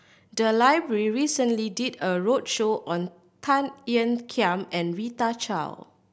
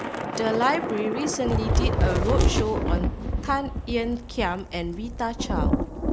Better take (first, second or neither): first